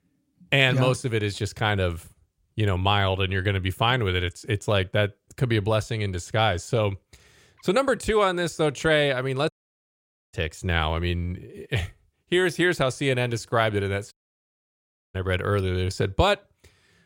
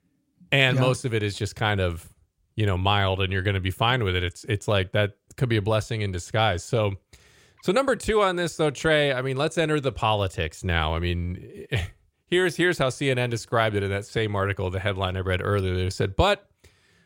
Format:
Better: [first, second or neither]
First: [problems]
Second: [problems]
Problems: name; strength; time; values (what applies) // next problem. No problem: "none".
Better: second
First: audio cutting out; at 9.5 s for 1 s and at 14 s for 1 s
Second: none